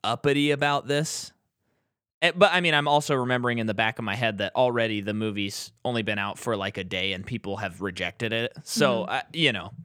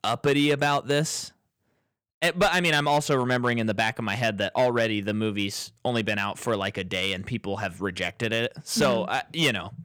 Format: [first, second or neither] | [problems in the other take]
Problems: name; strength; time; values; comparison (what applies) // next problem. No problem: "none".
first | distortion; slight; 3% of the sound clipped